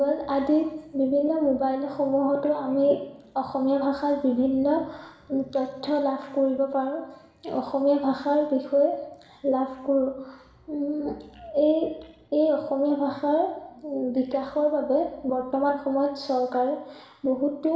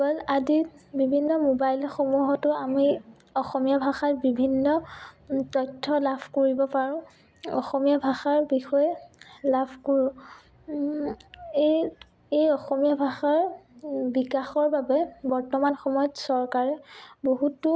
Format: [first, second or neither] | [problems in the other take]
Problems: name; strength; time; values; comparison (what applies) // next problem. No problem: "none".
second | room echo; dies away in 0.9 s